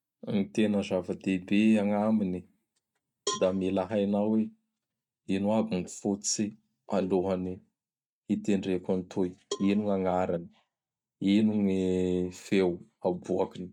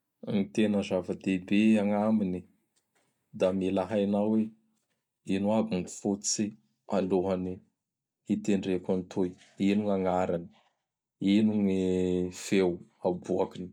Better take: second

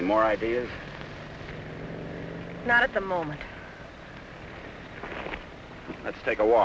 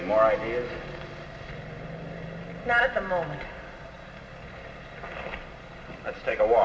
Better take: first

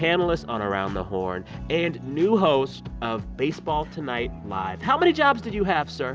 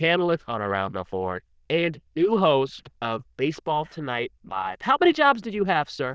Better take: first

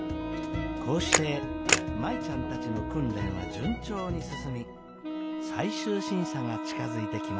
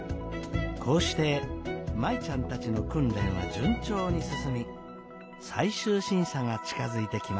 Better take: second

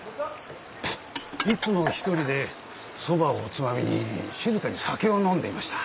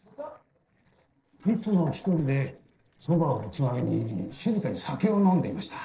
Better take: first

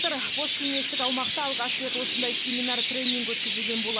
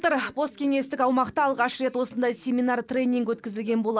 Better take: second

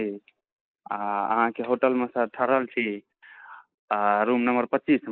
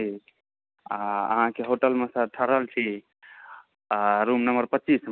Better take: second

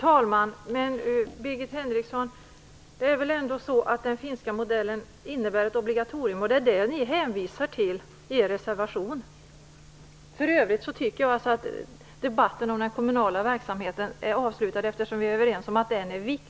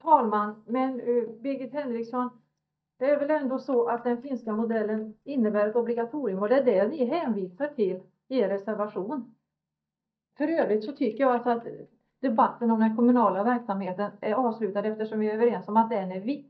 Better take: first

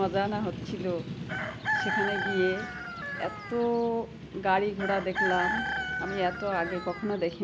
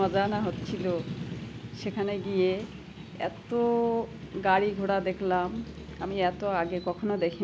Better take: second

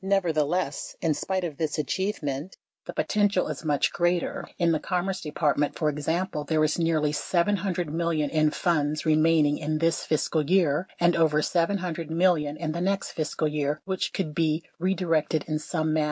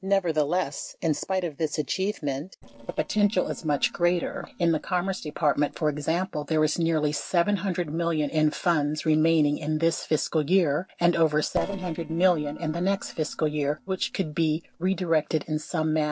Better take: first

